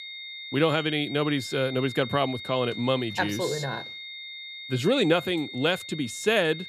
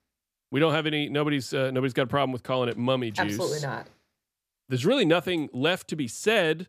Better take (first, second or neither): second